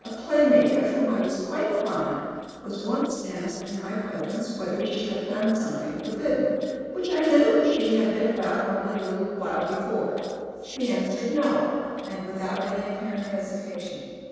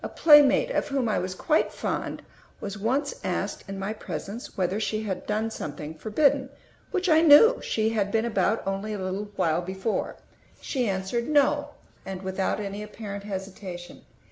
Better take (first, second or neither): second